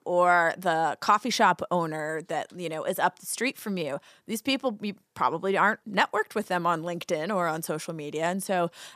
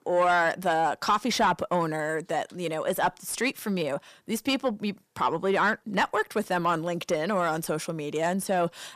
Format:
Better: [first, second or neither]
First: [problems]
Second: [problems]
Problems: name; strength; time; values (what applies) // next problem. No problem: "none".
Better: first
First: none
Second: distortion; slight; 10 dB below the speech